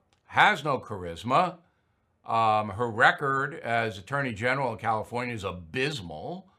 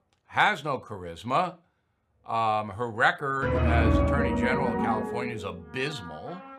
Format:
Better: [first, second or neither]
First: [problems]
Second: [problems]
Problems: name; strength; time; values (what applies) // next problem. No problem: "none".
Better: first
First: none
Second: background music; very faint; from 2.5 s on; 2 dB above the speech